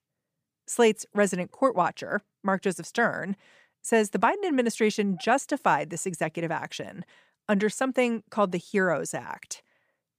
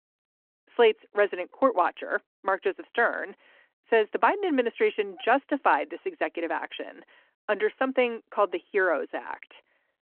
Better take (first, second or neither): first